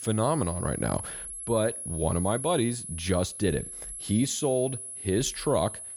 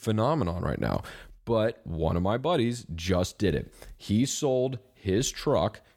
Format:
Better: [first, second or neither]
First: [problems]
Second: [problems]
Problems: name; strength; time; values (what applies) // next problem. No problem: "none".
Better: second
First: high-pitched whine; loud; throughout; 11 kHz, 7 dB below the speech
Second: none